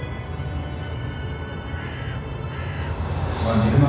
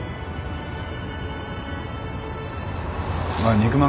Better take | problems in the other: second | background sound (Bird); 16 dB below the speech // room echo; dies away in 1.1 s

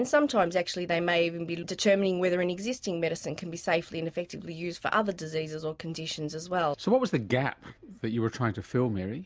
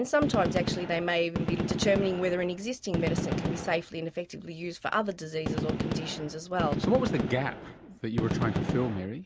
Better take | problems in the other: first | background sound (Gunshot, gunfire); 2 dB below the speech

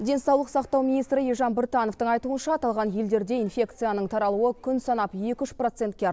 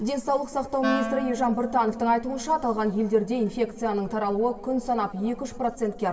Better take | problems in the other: first | background sound (Wind instrument, woodwind instrument); 9 dB below the speech // room echo; dies away in 2.8 s

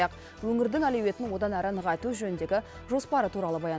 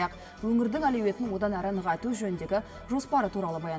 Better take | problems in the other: first | room echo; dies away in 2.7 s

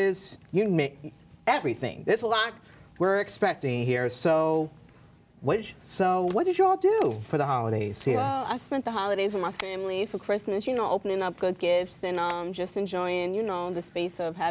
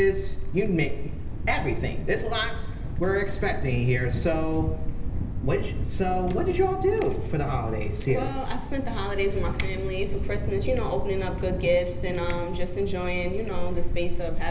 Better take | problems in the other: first | background sound (Thunder); 1 dB above the speech // room echo; dies away in 1.4 s

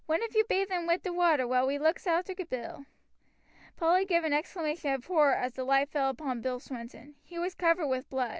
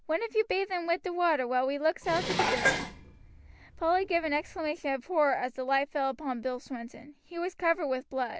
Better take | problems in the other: first | background sound (Dishes, pots, and pans); 3 dB below the speech

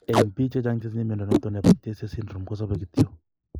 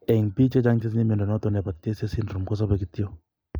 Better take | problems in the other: second | noise reduction (neural mask model Resemble Enhance denoiser)

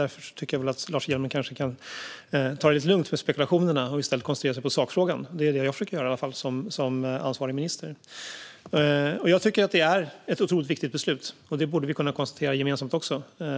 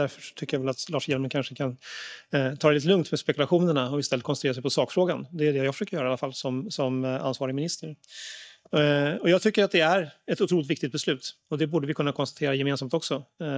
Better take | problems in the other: first | noise reduction (neural mask model DeepFilterNet 3)

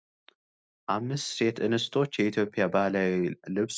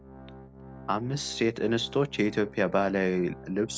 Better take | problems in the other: first | background sound (Organ); 17 dB below the speech

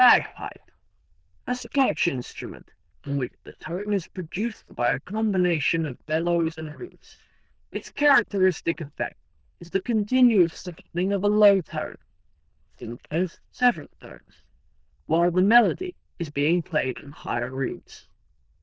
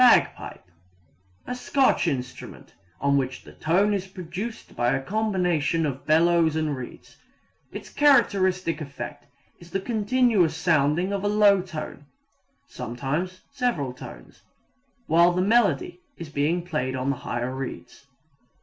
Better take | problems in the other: second | noise reduction (neural diffusion model UNIVERSE++)

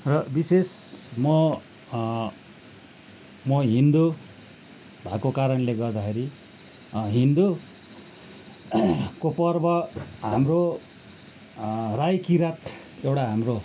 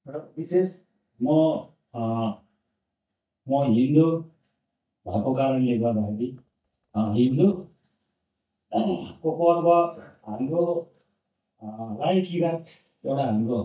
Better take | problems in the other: first | noise reduction (neural mask model DeepFilterNet 3)

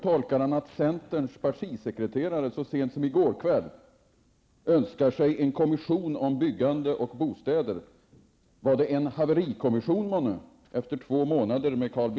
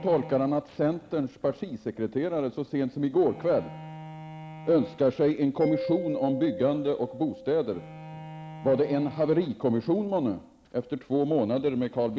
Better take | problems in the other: first | background sound (Mallet percussion + Bowed string instrument); 14 dB below the speech

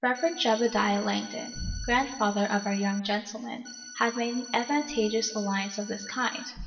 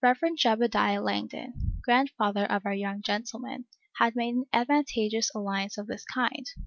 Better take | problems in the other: second | background sound (Organ); 14 dB below the speech // room echo; dies away in 1 s

